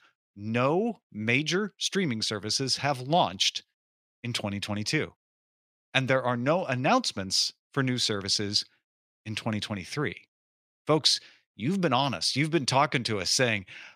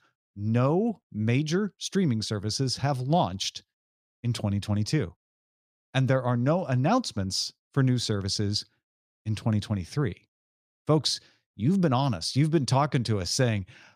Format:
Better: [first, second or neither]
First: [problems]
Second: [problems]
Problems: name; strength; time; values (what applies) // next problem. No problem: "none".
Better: second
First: thin; very slightly; fading below 700 Hz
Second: none